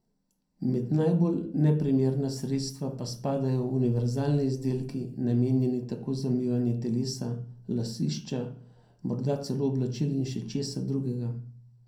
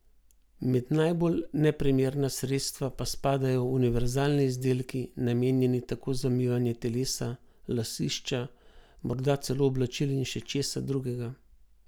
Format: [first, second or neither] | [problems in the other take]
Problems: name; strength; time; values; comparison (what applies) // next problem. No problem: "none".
second | room echo; dies away in 0.5 s